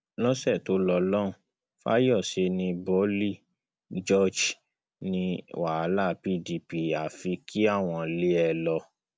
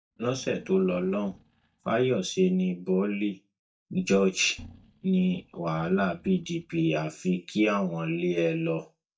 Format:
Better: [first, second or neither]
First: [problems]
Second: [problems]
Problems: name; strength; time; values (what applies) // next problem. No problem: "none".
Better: first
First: none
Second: noise reduction (neural mask model DeepFilterNet 3)